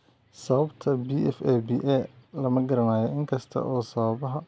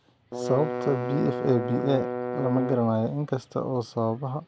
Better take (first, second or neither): first